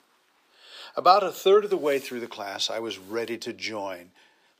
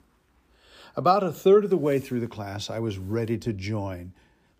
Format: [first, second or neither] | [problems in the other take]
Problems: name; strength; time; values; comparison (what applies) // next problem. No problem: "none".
second | thin; somewhat; fading below 500 Hz